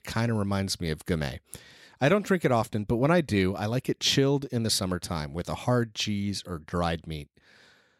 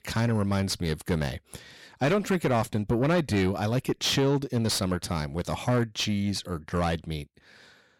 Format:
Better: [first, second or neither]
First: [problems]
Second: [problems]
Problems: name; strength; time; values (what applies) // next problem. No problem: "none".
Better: first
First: none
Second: distortion; slight; 10 dB below the speech